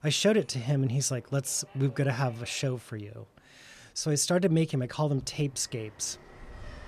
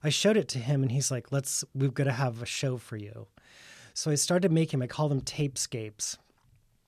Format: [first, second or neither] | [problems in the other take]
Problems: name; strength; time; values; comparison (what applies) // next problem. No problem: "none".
second | train or aircraft noise; faint; throughout; 25 dB below the speech